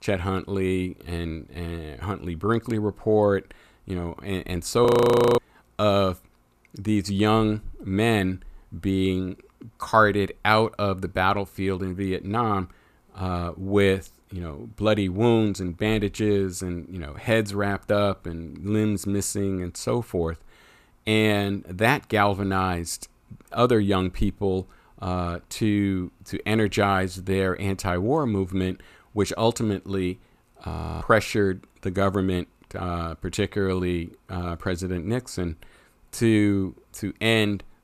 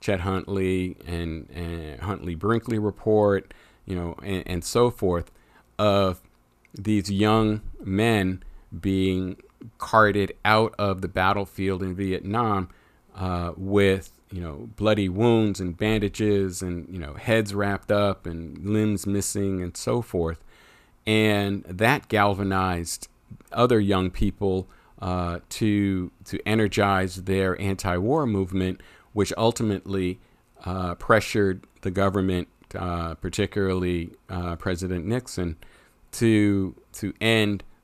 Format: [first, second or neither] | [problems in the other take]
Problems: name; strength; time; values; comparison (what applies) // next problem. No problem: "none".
second | audio freezing; at 5 s for 0.5 s and at 31 s